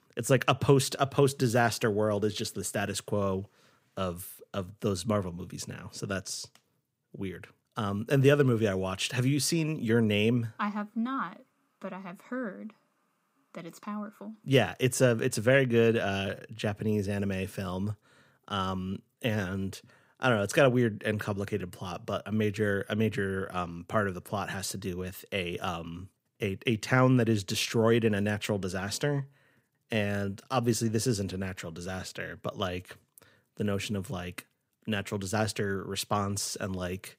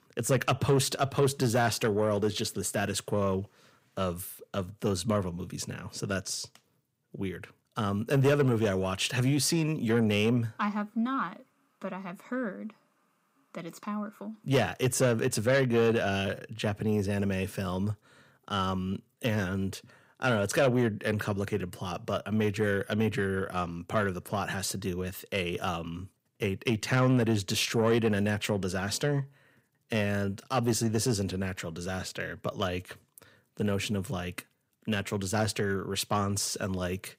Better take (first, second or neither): first